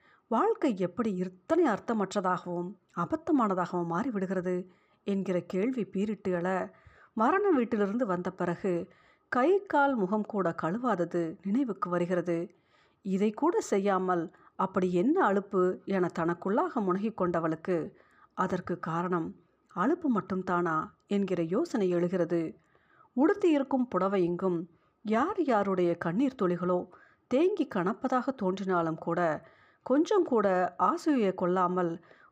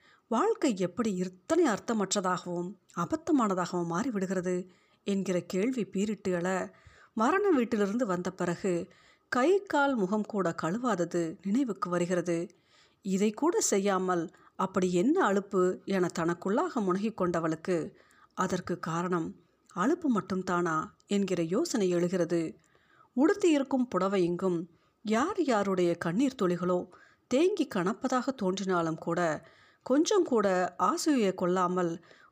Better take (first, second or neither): second